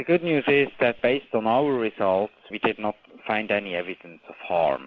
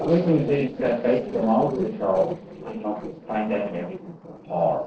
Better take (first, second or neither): first